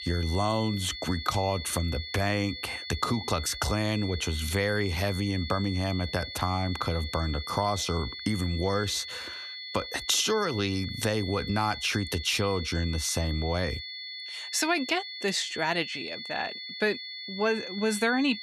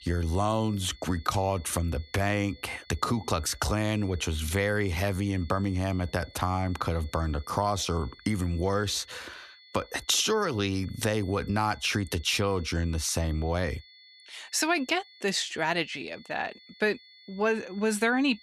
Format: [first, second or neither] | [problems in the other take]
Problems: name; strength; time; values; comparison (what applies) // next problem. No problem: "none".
second | high-pitched whine; loud; throughout; 4.5 kHz, 8 dB below the speech; faint in the second